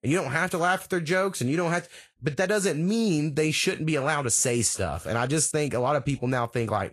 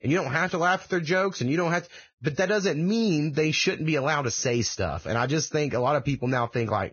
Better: first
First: garbled, watery; slightly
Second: garbled, watery; badly; nothing above 6.5 kHz

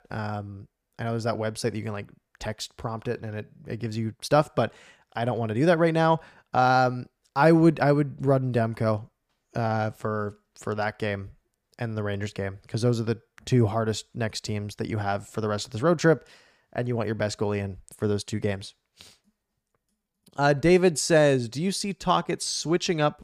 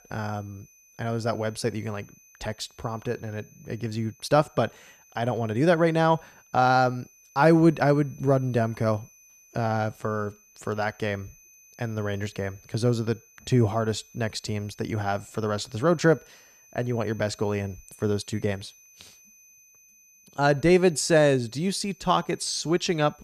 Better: first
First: none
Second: high-pitched whine; faint; throughout; 6 kHz, 30 dB below the speech

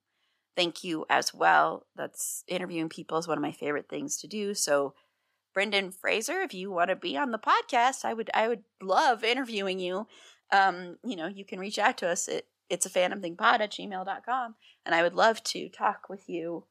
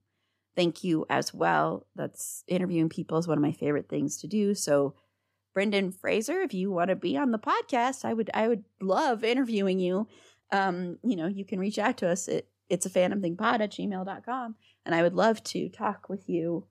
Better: second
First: thin; somewhat; fading below 850 Hz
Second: none

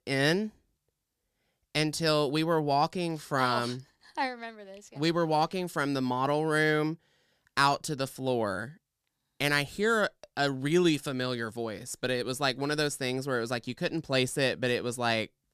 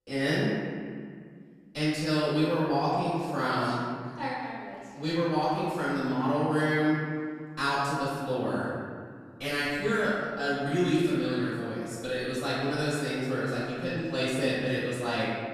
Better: first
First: none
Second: room echo; strong; dies away in 2 s // off-mic speech; far

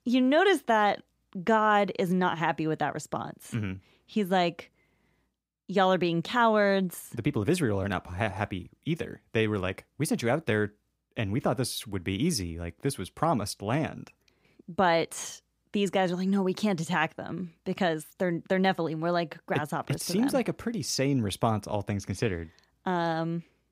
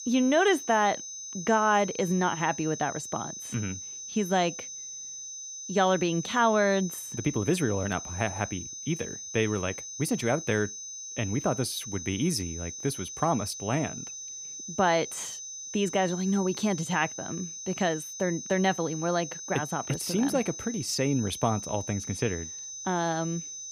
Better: first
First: none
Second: high-pitched whine; loud; throughout; 6 kHz, 8 dB below the speech

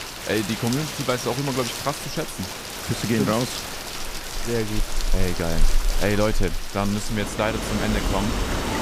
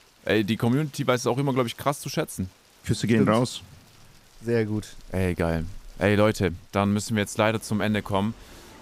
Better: second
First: rain or running water; loud; throughout; 3 dB below the speech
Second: rain or running water; faint; throughout; 25 dB below the speech

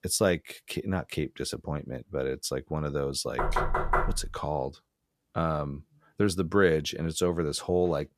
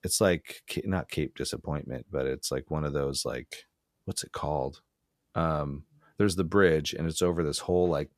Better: second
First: door banging; loud; at 3.5 s; peak 2 dB above the speech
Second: none

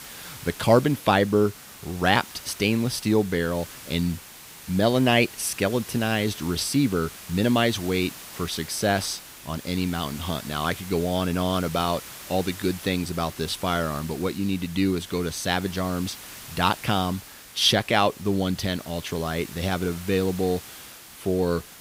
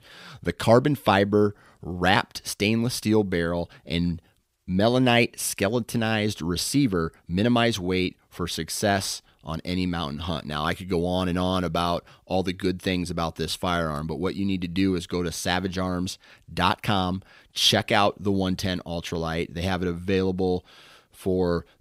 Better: second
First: hiss; noticeable; throughout; 15 dB below the speech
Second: none

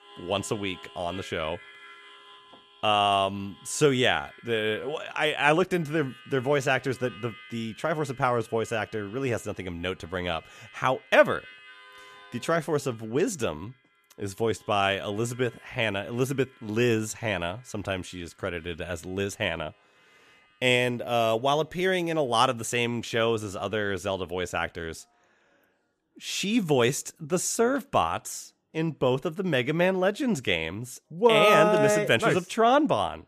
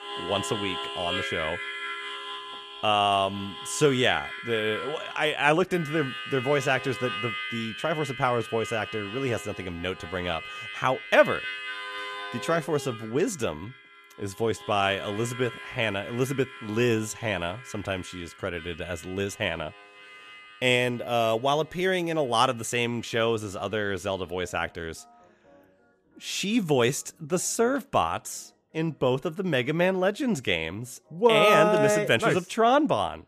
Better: first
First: background music; faint; throughout; 25 dB below the speech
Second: background music; loud; throughout; 10 dB below the speech

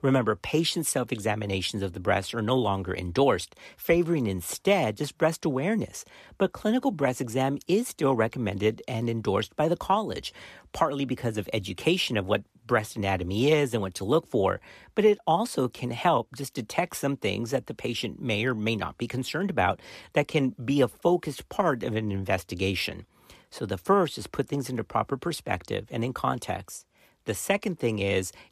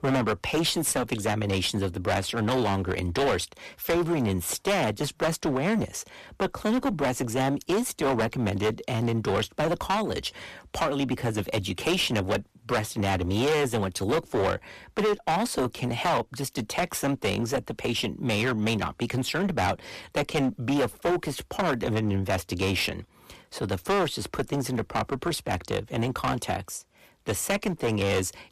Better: first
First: none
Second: distortion; heavy; 15% of the sound clipped

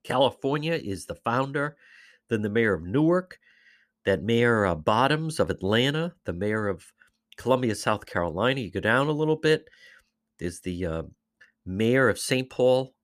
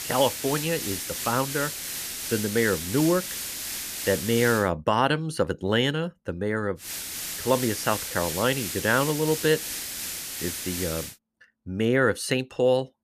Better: first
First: none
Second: hiss; loud; until 4.5 s and from 7 to 11 s; 5 dB below the speech

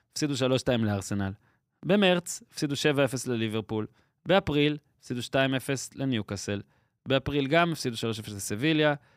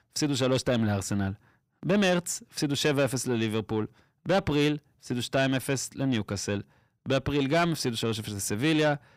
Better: first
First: none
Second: distortion; slight; 10 dB below the speech

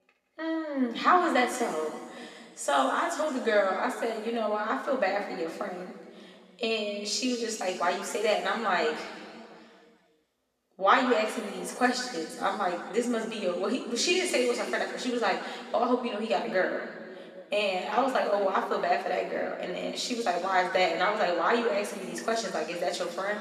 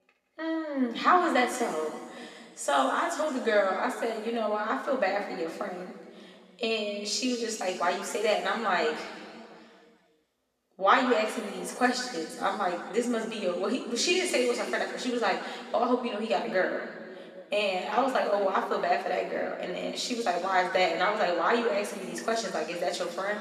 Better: neither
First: room echo; noticeable; dies away in 2.2 s // off-mic speech; somewhat distant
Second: room echo; noticeable; dies away in 2.2 s // off-mic speech; somewhat distant

